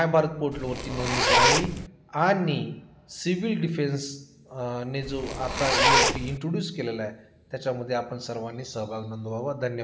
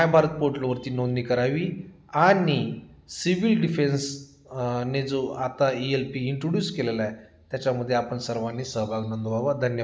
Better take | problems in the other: second | background sound (Zipper (clothing)); 5 dB above the speech // room echo; dies away in 0.4 s

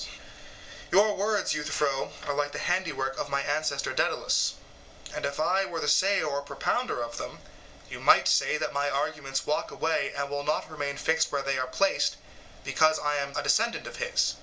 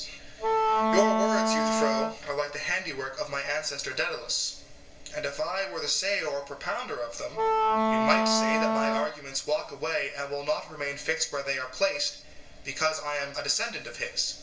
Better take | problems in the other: first | background sound (Wind instrument, woodwind instrument); 4 dB above the speech // room echo; dies away in 0.6 s

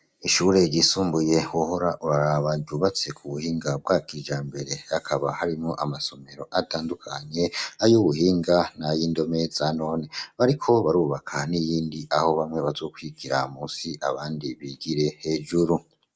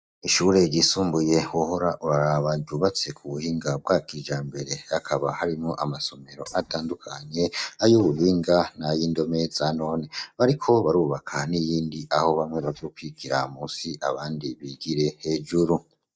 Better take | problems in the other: first | noise reduction (neural mask model DeepFilterNet 3)

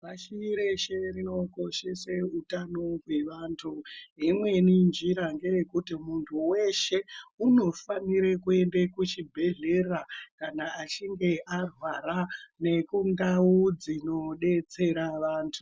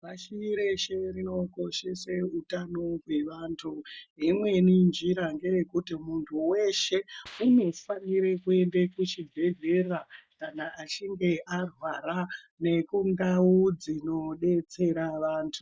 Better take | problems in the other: first | noise reduction (neural mask model DeepFilterNet 3)

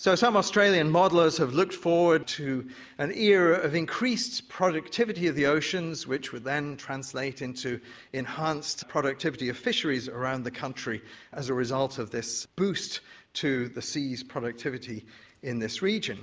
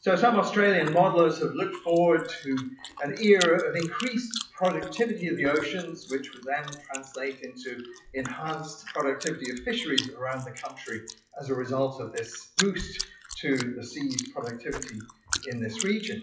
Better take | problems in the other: first | noise reduction (classical method WPE with log-MMSE)

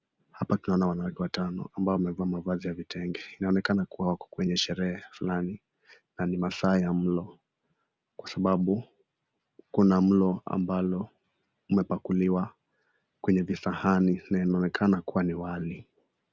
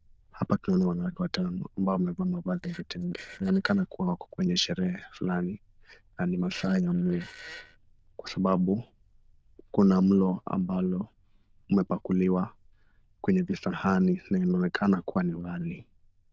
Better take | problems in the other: first | noise reduction (neural diffusion model UNIVERSE++)

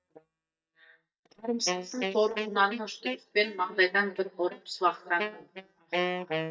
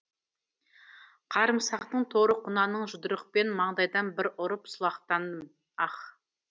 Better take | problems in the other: second | noise reduction (neural mask model DeepFilterNet 3)

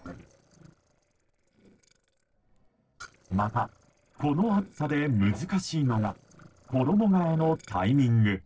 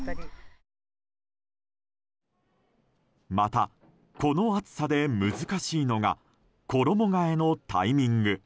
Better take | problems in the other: second | noise reduction (neural separator model SepFormer DNS4)

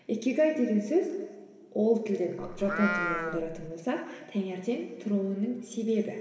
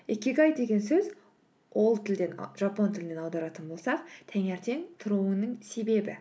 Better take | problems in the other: second | background sound (Livestock, farm animals, working animals); 4 dB below the speech // room echo; dies away in 2.1 s

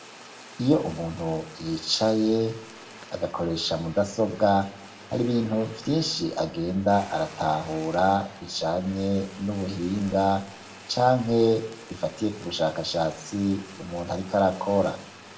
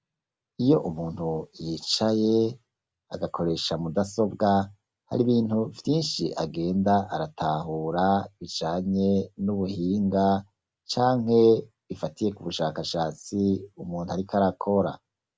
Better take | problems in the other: second | background sound (Fire); 19 dB below the speech // room echo; dies away in 0.5 s

